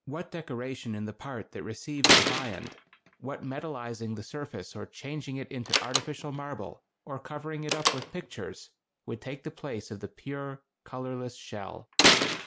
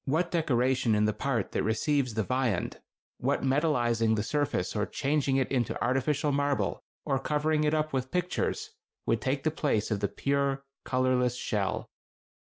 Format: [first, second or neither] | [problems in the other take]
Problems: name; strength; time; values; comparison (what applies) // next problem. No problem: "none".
second | background sound (Slam); 4 dB above the speech